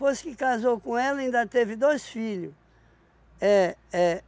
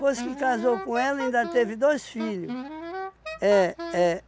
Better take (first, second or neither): first